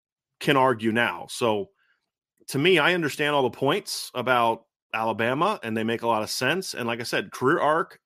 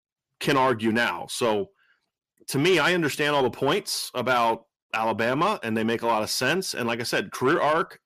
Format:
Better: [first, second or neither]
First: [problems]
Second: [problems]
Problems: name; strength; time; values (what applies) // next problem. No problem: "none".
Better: first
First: none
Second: distortion; slight; 10 dB below the speech